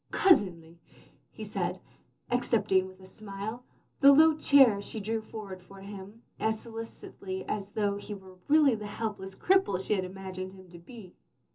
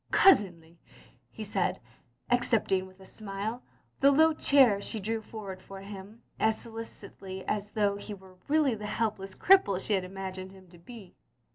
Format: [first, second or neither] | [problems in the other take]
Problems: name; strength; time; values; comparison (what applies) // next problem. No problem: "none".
second | room echo; dies away in 0.2 s